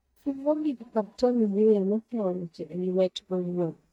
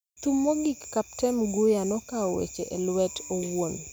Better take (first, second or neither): second